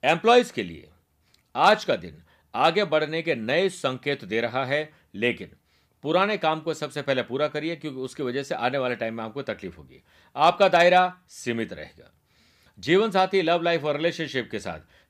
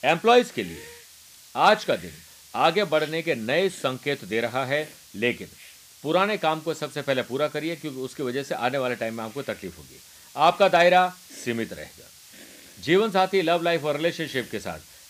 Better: first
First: none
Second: hiss; faint; throughout; 20 dB below the speech

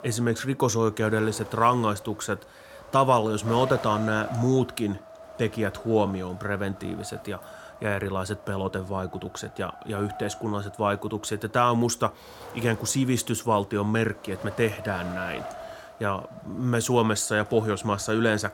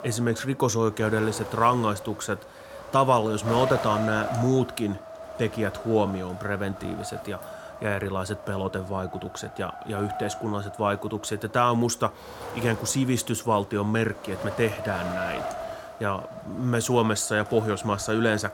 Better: first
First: wind noise on the microphone; occasional gusts; 15 dB below the speech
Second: wind noise on the microphone; heavy; 9 dB below the speech

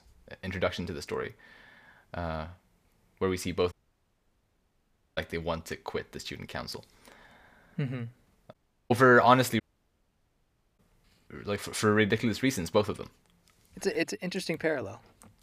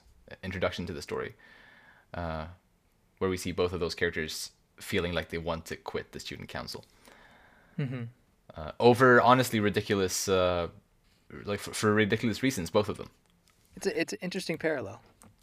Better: second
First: audio cutting out; at 3.5 s for 1.5 s, at 8.5 s and at 9.5 s for 1 s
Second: none

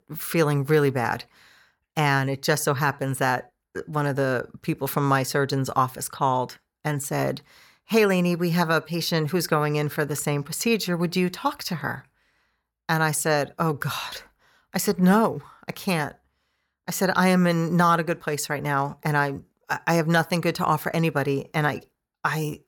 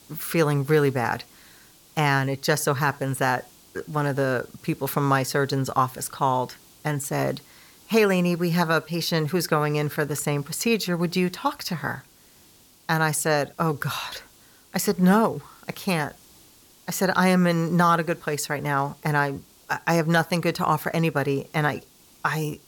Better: first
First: none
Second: hiss; faint; throughout; 25 dB below the speech

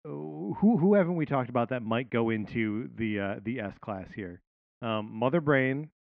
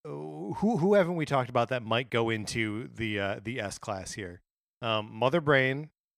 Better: second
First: muffled; very; fading above 2.5 kHz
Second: none

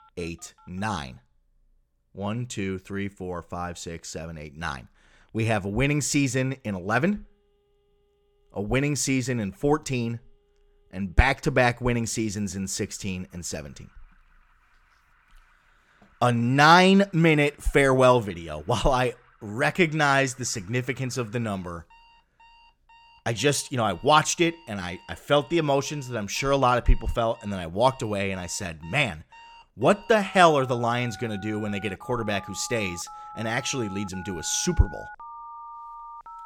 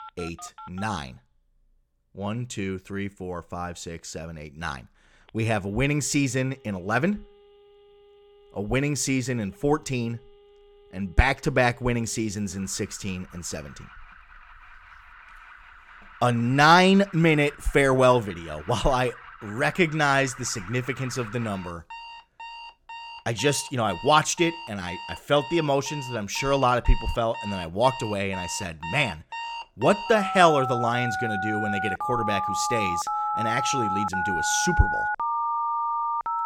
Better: first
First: alarms or sirens; faint; throughout; 20 dB below the speech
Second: alarms or sirens; loud; throughout; 6 dB below the speech

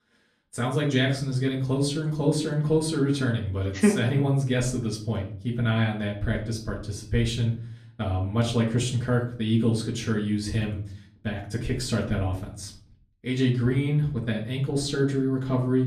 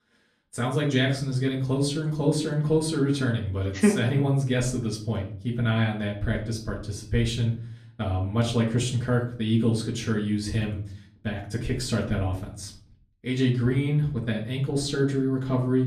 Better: neither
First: off-mic speech; far // room echo; slight; dies away in 0.4 s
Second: off-mic speech; far // room echo; slight; dies away in 0.4 s

